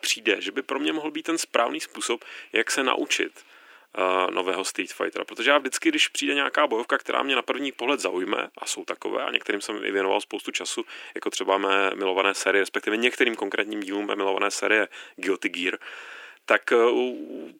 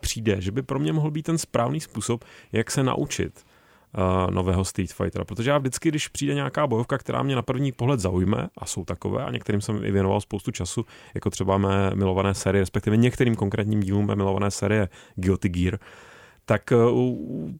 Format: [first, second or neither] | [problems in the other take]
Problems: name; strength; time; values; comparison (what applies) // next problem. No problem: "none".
second | thin; somewhat; fading below 300 Hz